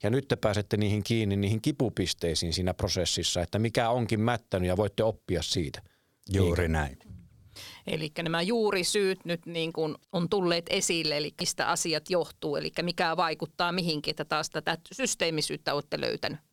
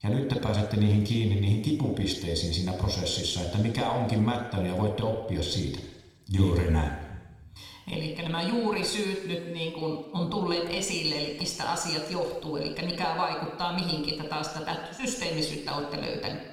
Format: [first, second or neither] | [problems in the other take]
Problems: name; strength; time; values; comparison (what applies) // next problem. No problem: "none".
first | room echo; noticeable; dies away in 1.1 s